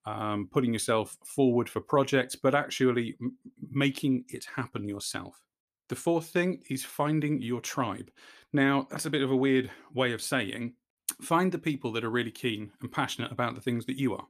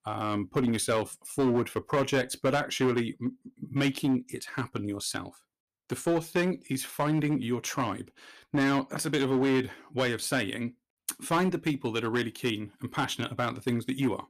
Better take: first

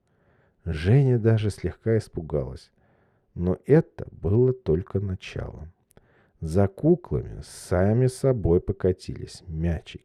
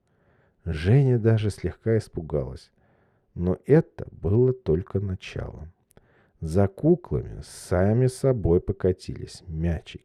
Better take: neither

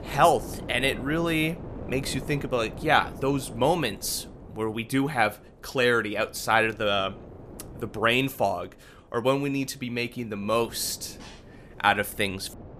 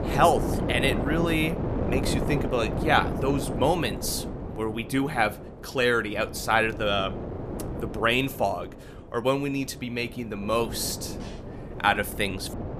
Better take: first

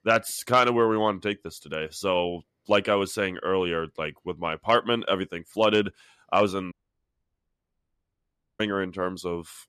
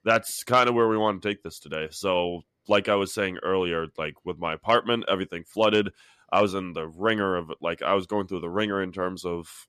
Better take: second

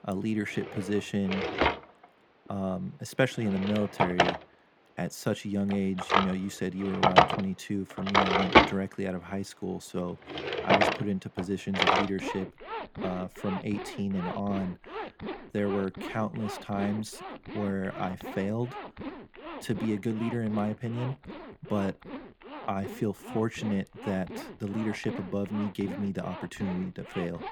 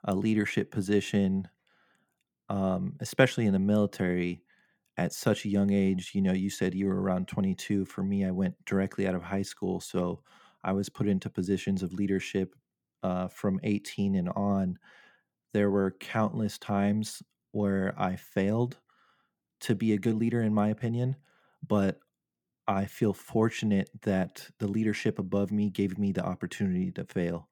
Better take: second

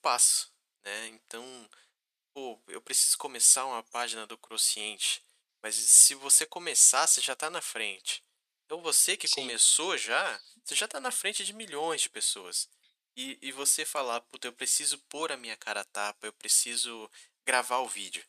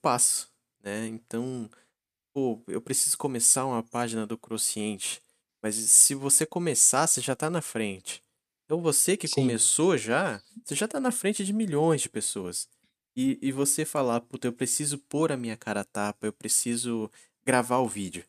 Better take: second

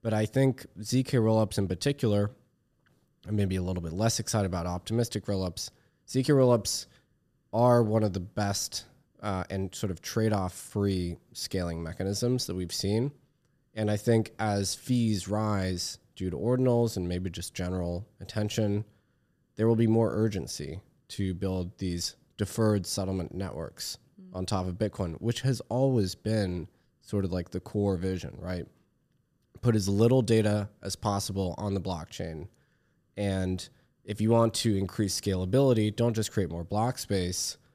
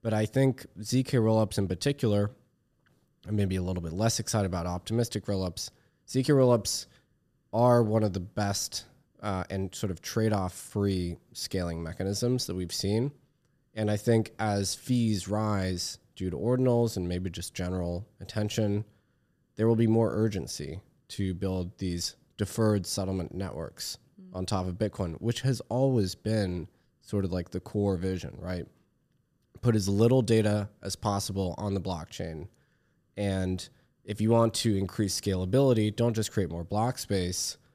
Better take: neither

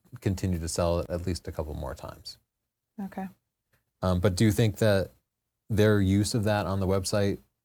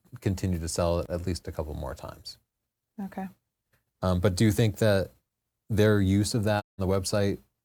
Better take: first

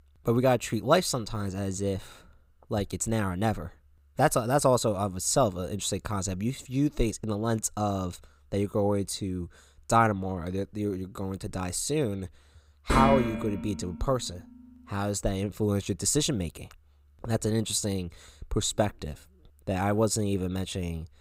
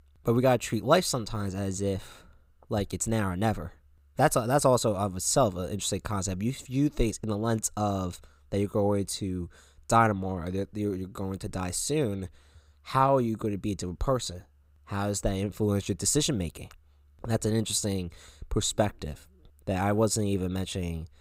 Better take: second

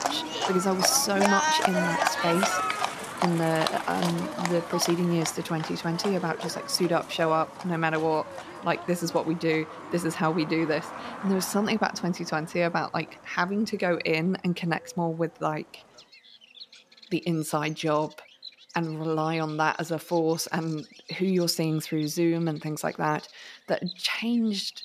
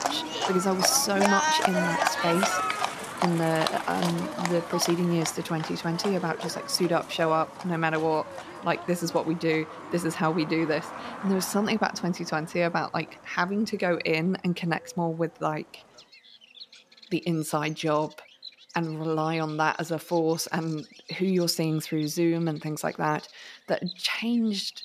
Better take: neither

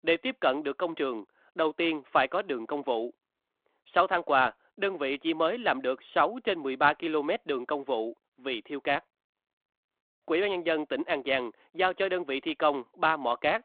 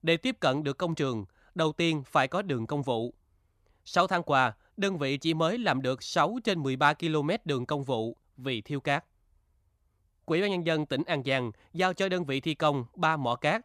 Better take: second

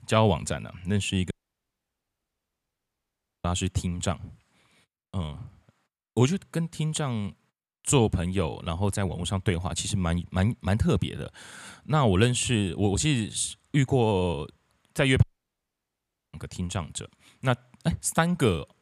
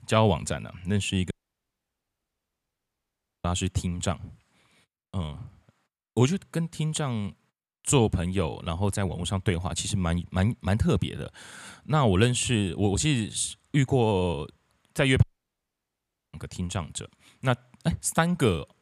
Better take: neither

